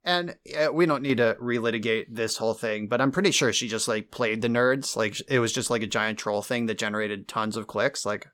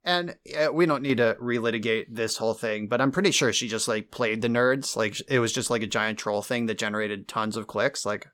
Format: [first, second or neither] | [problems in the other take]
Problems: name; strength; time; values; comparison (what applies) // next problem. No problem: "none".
neither | none